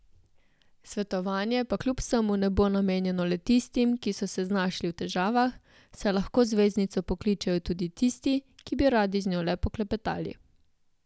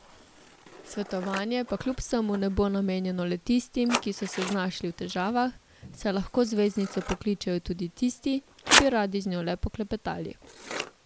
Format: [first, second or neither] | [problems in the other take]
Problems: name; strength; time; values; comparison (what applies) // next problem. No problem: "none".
first | background sound (Scissors); 6 dB below the speech